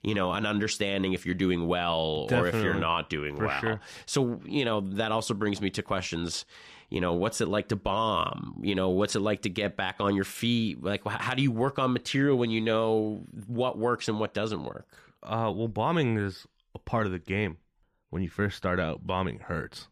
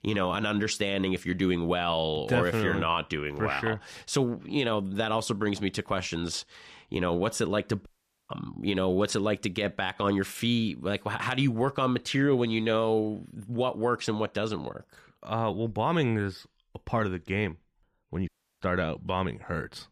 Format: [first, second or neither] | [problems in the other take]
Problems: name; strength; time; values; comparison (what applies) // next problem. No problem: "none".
first | audio cutting out; at 8 s and at 18 s